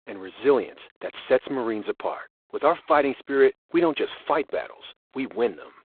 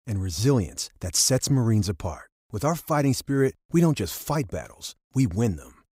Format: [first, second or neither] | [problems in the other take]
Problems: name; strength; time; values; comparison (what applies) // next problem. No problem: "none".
second | phone-call audio; poor line; nothing above 3.5 kHz